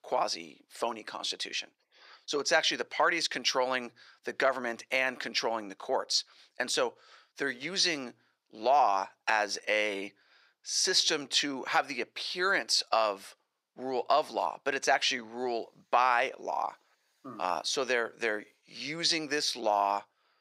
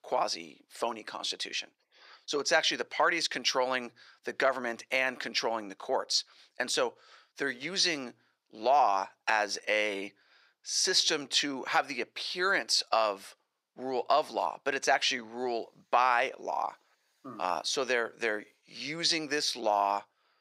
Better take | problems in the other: neither | thin; somewhat; fading below 600 Hz; the same in both

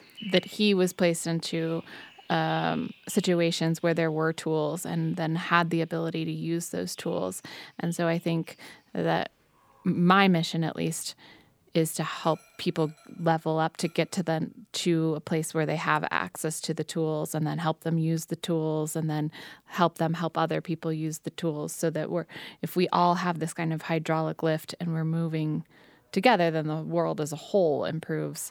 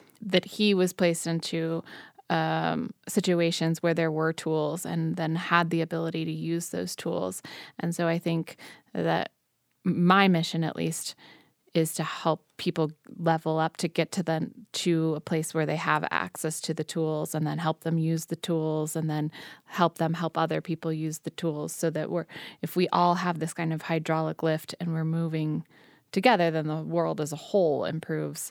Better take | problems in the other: second | animal sounds; faint; throughout; 25 dB below the speech

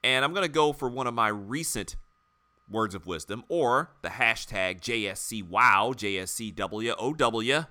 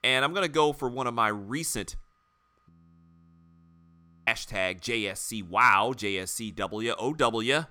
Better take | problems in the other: first | audio freezing; at 2.5 s for 1.5 s

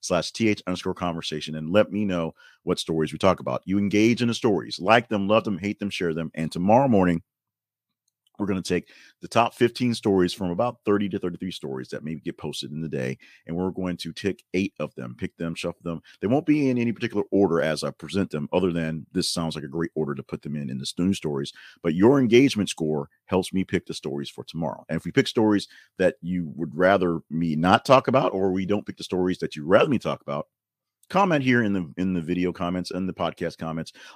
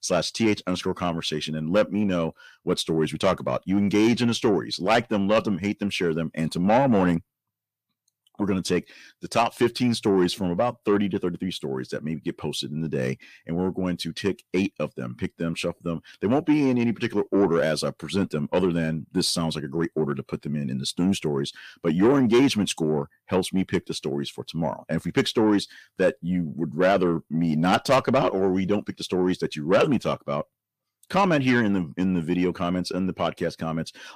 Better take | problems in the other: first | distortion; slight; 10 dB below the speech

